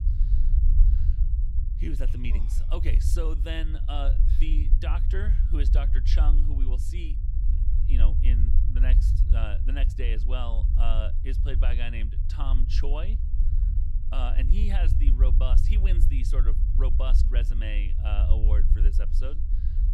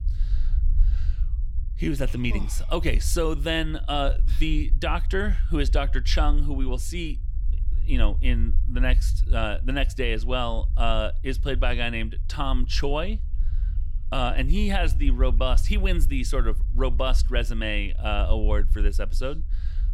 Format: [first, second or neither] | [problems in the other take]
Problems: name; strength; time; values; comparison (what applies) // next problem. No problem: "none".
second | low rumble; loud; throughout; 7 dB below the speech; faint in the second